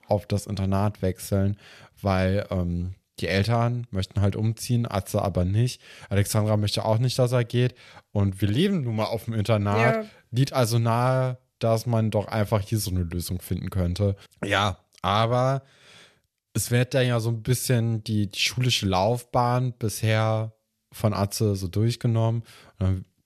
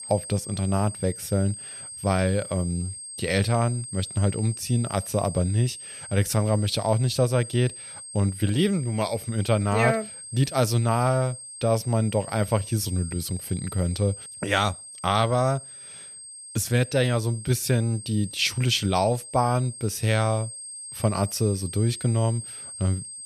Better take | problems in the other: first | high-pitched whine; noticeable; throughout; 8.5 kHz, 10 dB below the speech

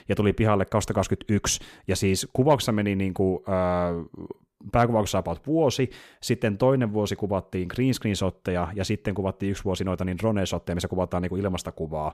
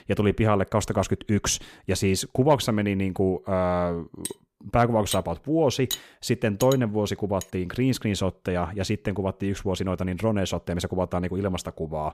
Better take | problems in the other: first | clattering dishes; noticeable; from 4.5 to 7.5 s; peak 6 dB below the speech

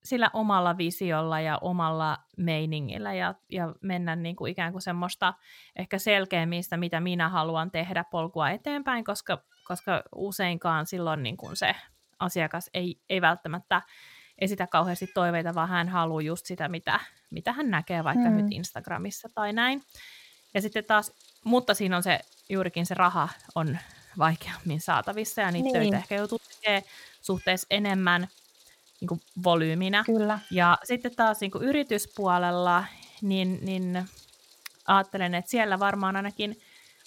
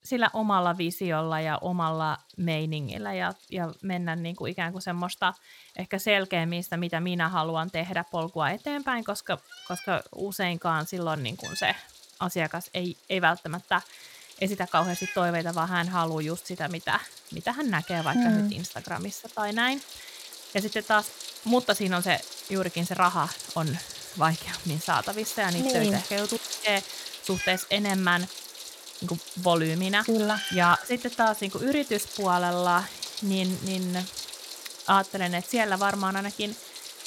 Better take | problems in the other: first | animal sounds; loud; throughout; 10 dB below the speech; faint in the first

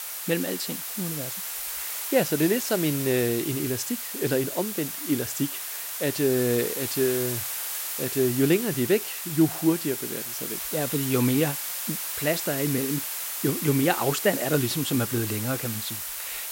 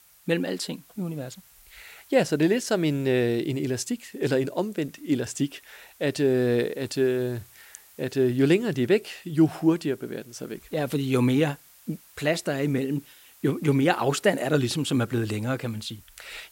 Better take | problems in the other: second | hiss; loud; throughout; 3 dB below the speech; faint in the second

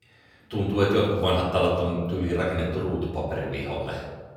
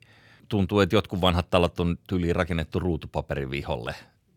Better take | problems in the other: second | room echo; noticeable; dies away in 1.1 s // off-mic speech; far

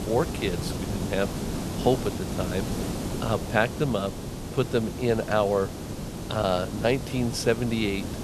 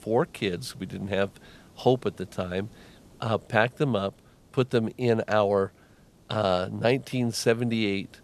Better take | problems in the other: second | hiss; loud; throughout; 6 dB below the speech; faint in the second

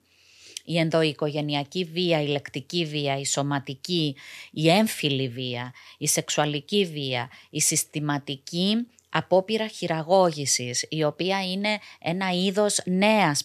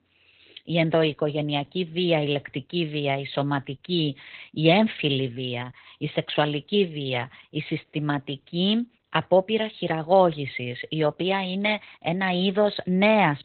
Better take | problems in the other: first | garbled, watery; badly; nothing above 4 kHz

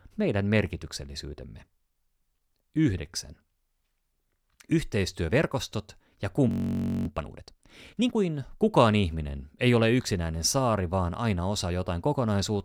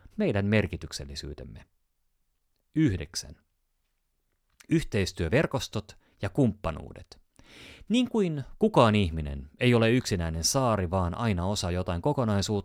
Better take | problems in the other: second | audio freezing; at 6.5 s for 0.5 s

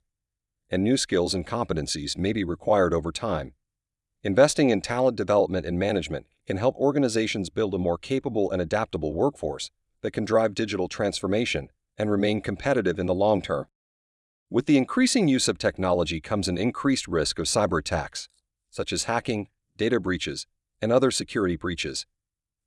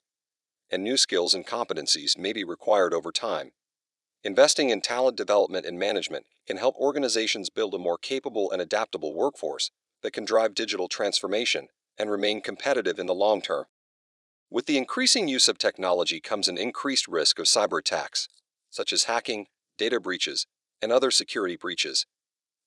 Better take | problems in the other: first | thin; somewhat; fading below 450 Hz

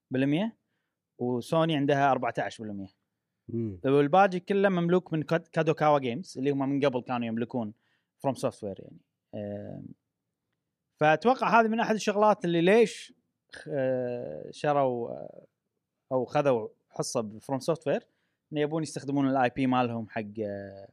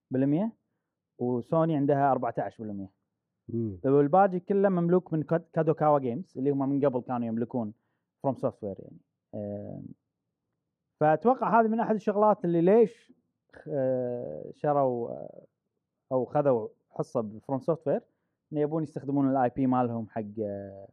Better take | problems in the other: first | muffled; very; fading above 1.5 kHz

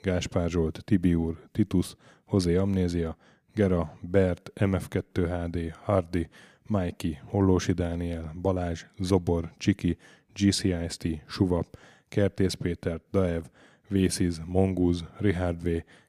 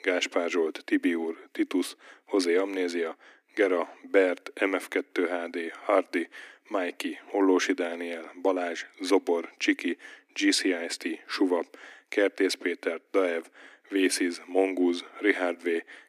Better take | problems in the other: first | thin; somewhat; fading below 250 Hz

